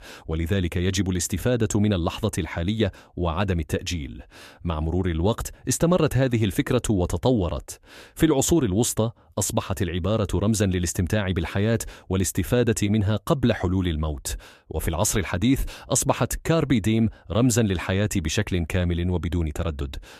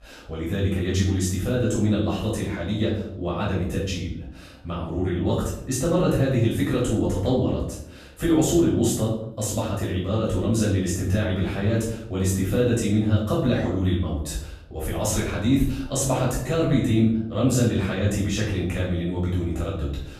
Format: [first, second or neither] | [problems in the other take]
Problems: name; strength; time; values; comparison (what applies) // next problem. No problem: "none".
first | off-mic speech; far // room echo; noticeable; dies away in 0.6 s